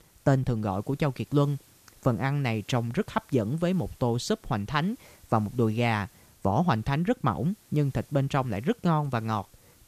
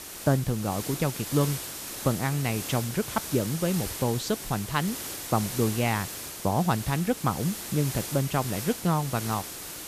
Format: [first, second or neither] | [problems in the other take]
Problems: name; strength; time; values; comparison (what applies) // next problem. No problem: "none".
first | hiss; loud; throughout; 6 dB below the speech; faint in the first